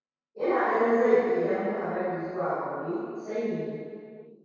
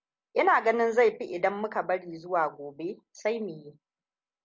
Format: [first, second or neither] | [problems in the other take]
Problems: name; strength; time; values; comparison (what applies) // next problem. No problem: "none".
second | room echo; dies away in 2 s